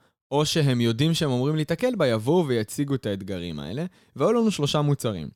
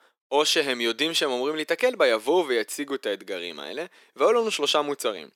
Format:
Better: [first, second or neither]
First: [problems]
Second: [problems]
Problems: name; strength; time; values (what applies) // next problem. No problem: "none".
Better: first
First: none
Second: thin; very; fading below 350 Hz